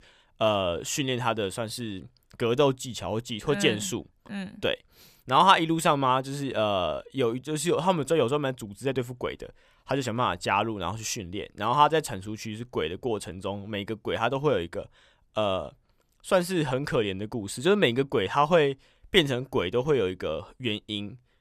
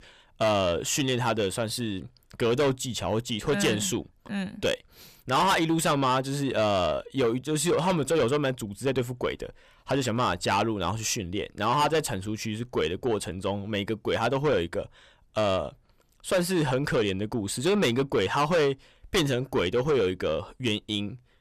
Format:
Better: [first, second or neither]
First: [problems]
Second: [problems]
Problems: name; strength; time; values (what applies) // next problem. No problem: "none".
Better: first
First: none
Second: distortion; heavy; 7 dB below the speech